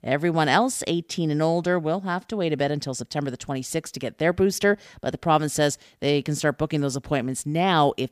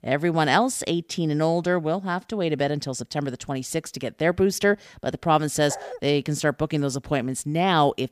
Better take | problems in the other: first | dog barking; faint; at 5.5 s; peak 10 dB below the speech

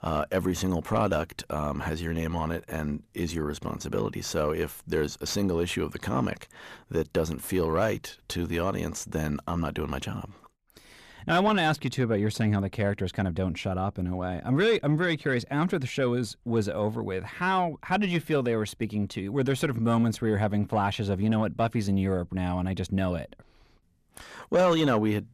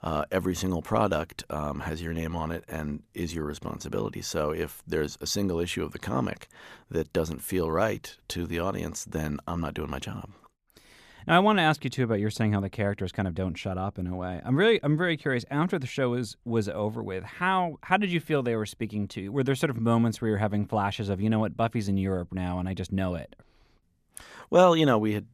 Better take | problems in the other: second | distortion; slight; 10 dB below the speech

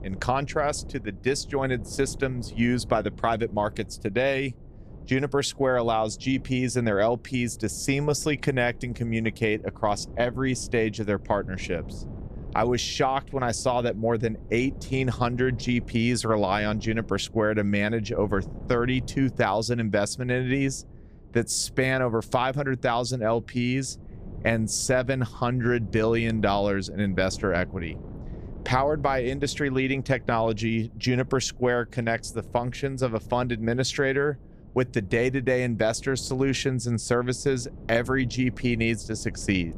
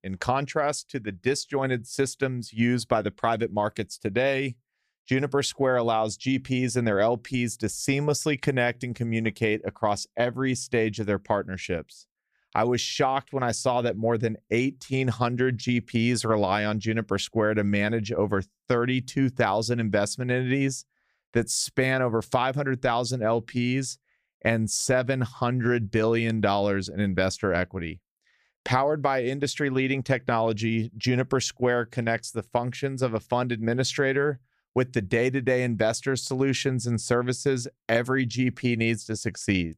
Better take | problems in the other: second | wind noise on the microphone; occasional gusts; 25 dB below the speech

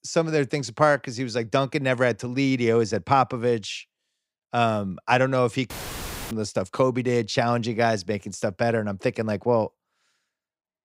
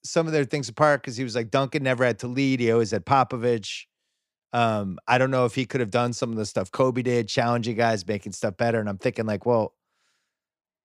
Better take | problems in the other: second | audio cutting out; filled with static; at 5.5 s for 0.5 s

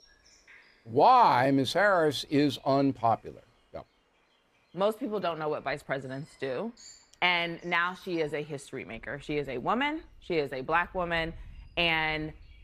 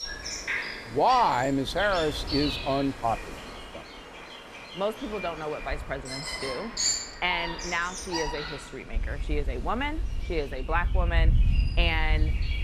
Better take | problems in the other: first | animal sounds; loud; throughout; 3 dB below the speech; faint in the first

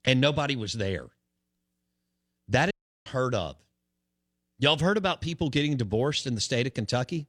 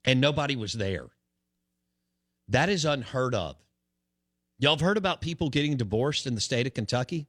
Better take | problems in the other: second | audio cutting out; at 2.5 s

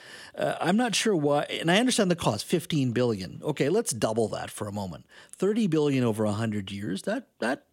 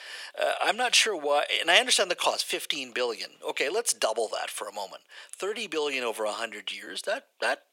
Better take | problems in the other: first | thin; very; fading below 550 Hz

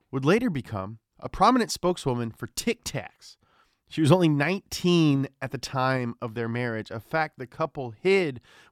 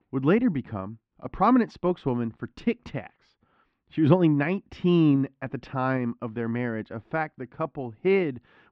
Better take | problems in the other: first | muffled; very; fading above 2.5 kHz

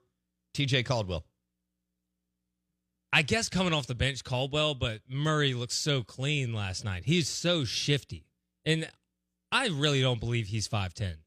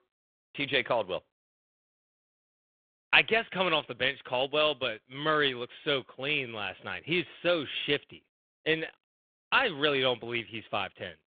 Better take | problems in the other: first | phone-call audio

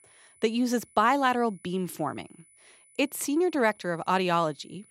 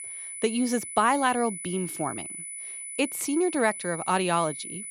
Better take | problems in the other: first | high-pitched whine; loud; throughout; 10 kHz, 8 dB below the speech; faint in the first

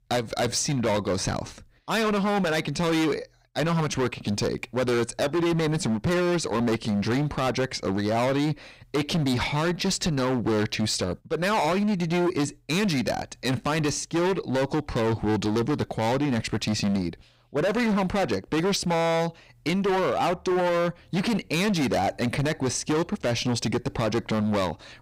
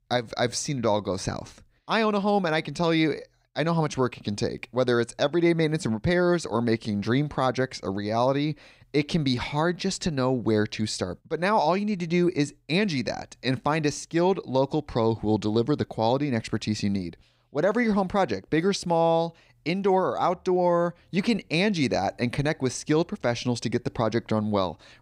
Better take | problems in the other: second | distortion; heavy; 24% of the sound clipped

